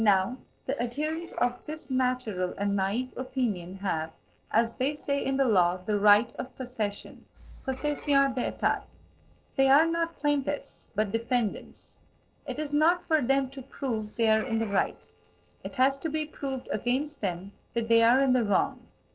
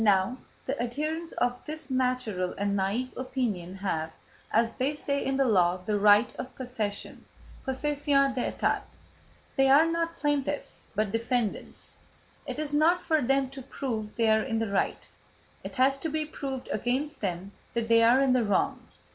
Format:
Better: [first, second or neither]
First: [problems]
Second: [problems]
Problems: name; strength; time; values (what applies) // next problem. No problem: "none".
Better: second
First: noise reduction (neural separator model SepFormer DNS4)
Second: none